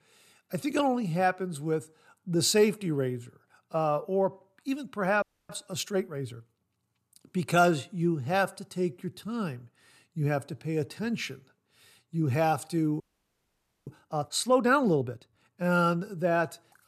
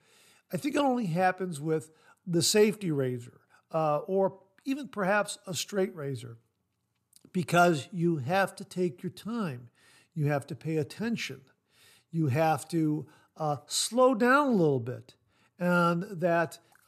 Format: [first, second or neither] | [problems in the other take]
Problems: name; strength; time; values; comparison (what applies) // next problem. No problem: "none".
second | audio freezing; at 5 s and at 13 s for 1 s